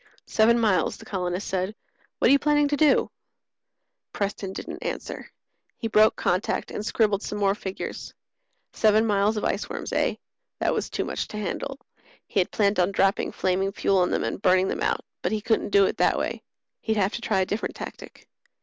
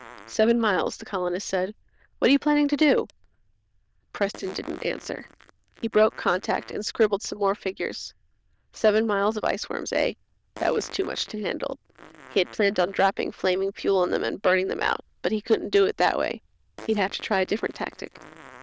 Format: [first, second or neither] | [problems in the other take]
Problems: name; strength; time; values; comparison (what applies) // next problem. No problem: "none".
first | noise reduction (neural diffusion model UNIVERSE++)